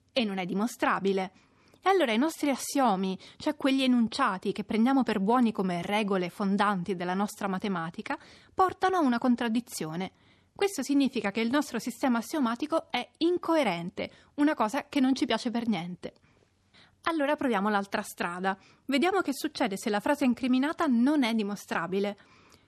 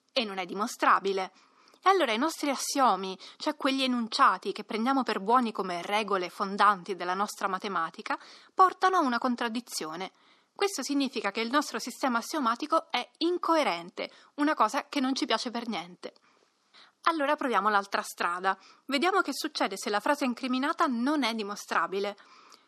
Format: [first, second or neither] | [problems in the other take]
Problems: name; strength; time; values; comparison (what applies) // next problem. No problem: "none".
first | thin; somewhat; fading below 250 Hz